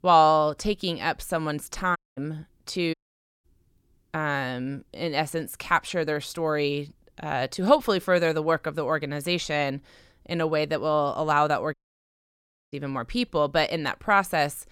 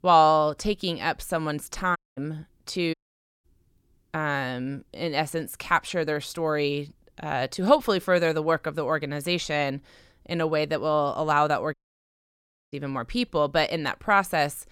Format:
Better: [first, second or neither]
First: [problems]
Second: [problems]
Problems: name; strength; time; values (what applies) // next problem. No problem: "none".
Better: neither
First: audio cutting out; at 2 s, at 3 s and at 12 s for 1 s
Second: audio cutting out; at 2 s, at 3 s and at 12 s for 1 s